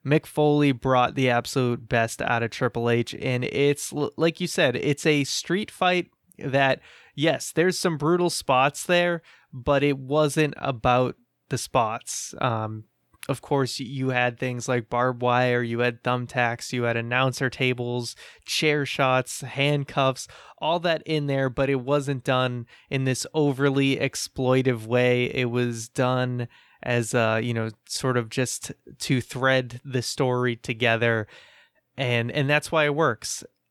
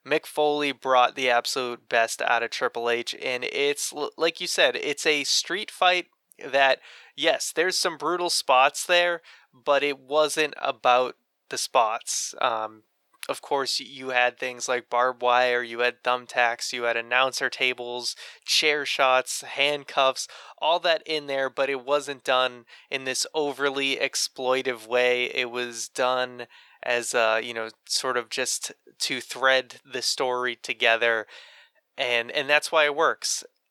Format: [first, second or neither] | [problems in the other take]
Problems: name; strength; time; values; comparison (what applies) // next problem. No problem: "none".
first | thin; very; fading below 600 Hz